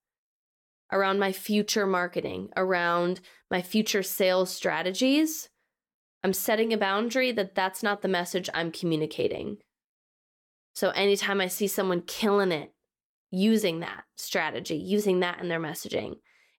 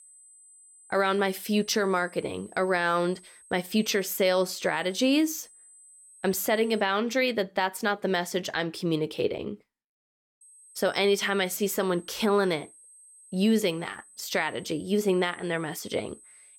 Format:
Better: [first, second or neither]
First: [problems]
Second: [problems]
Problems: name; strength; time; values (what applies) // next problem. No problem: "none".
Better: first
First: none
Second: high-pitched whine; faint; until 7 s and from 10 s on; 8.5 kHz, 25 dB below the speech